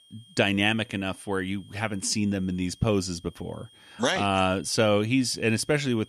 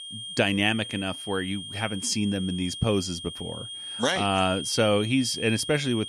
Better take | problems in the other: first | high-pitched whine; loud; throughout; 3 kHz, 8 dB below the speech; faint in the first

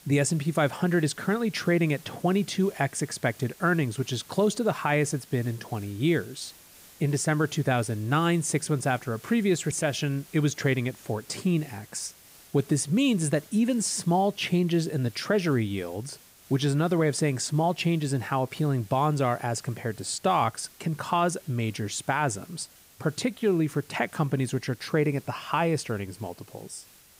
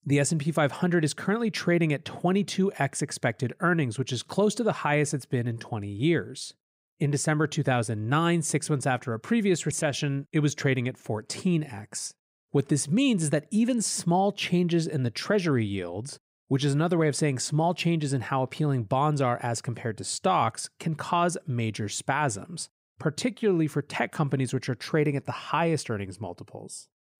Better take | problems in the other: second | hiss; faint; throughout; 25 dB below the speech

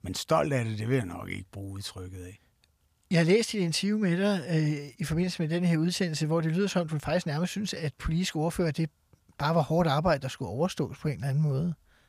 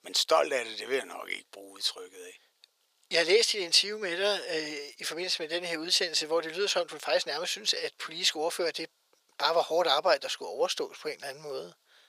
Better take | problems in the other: first | thin; very; fading below 450 Hz

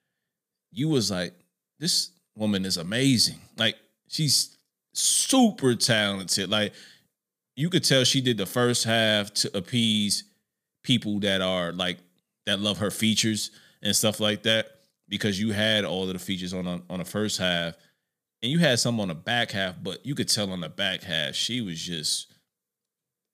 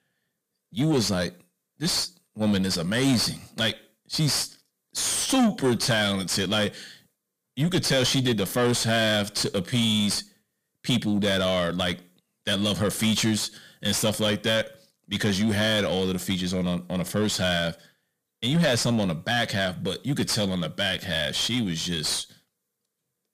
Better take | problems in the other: first | distortion; heavy; 7 dB below the speech

